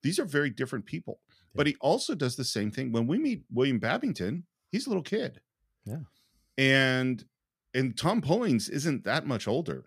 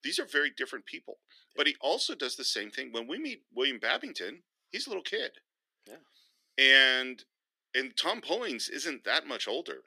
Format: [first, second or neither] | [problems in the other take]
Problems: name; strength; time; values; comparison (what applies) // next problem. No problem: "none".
first | thin; very; fading below 300 Hz